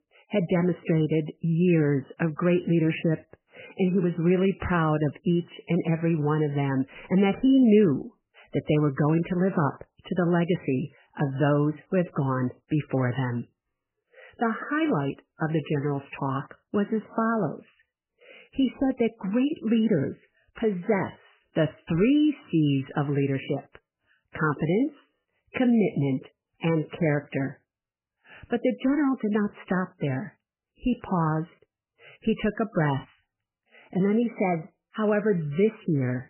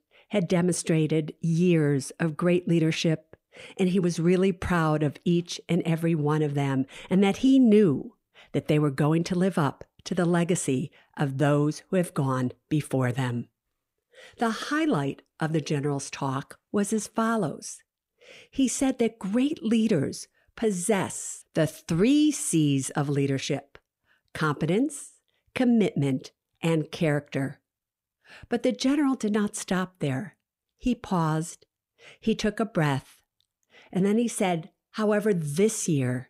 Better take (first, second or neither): second